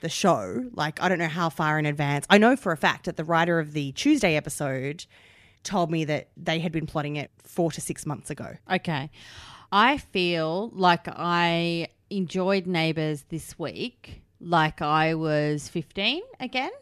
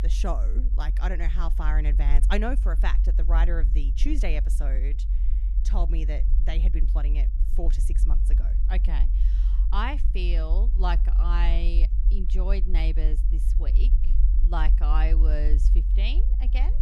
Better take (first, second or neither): first